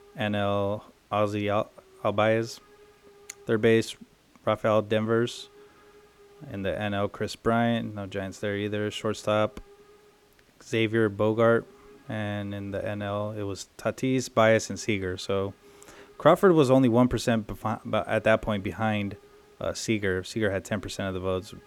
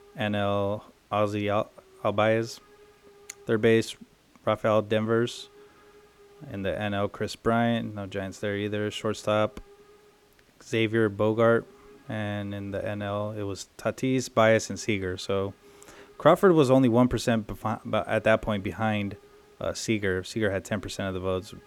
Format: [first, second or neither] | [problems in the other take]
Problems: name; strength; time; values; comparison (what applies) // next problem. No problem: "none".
neither | hiss; faint; throughout; 30 dB below the speech; the same in both